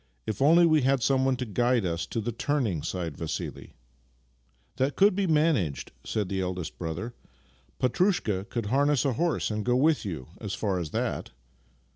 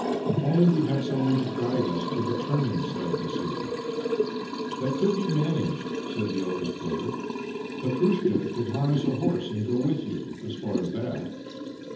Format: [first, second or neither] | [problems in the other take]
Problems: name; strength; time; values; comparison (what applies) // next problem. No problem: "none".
first | background sound (Liquid); 3 dB below the speech // room echo; dies away in 0.8 s